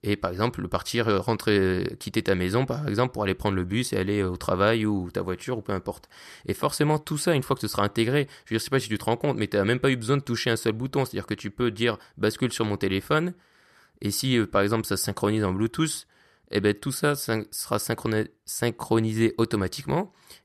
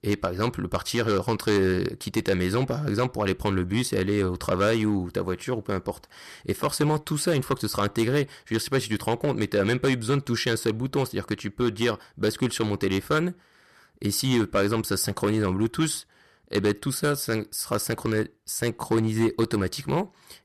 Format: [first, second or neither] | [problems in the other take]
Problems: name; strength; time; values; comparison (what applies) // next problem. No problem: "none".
first | distortion; slight; 4% of the sound clipped